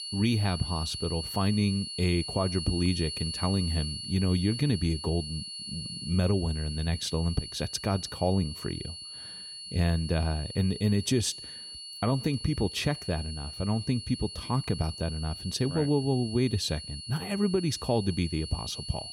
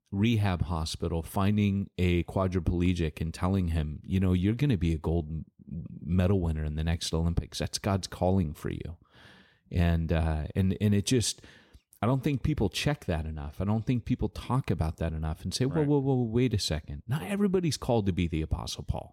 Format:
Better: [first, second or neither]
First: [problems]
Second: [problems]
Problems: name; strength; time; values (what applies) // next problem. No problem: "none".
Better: second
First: high-pitched whine; loud; throughout; 4.5 kHz, 8 dB below the speech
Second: none